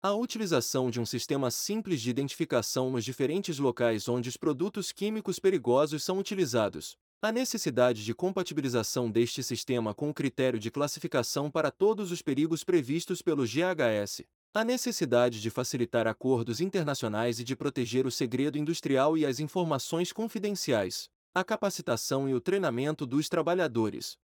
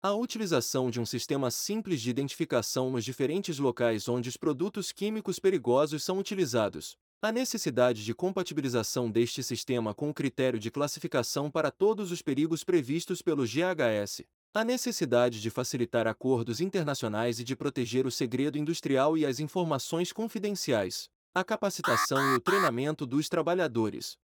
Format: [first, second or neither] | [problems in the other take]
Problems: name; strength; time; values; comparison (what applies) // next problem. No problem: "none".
first | alarm; loud; at 22 s; peak 2 dB above the speech